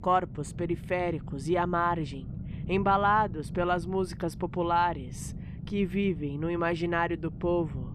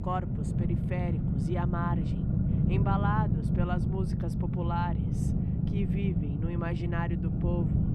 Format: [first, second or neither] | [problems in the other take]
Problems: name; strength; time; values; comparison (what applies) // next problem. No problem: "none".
first | low rumble; loud; throughout; 3 dB below the speech; faint in the first